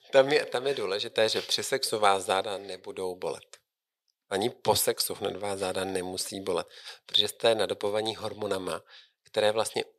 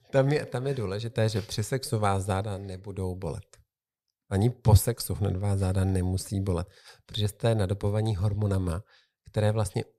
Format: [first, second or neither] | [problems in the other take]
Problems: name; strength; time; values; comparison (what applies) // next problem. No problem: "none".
second | thin; very; fading below 450 Hz